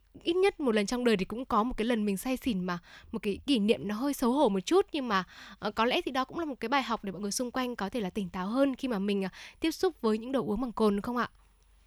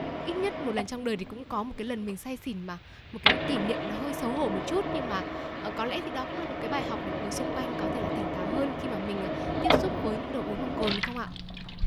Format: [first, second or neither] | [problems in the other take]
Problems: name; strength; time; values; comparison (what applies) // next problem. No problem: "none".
first | household noises; very loud; throughout; 3 dB above the speech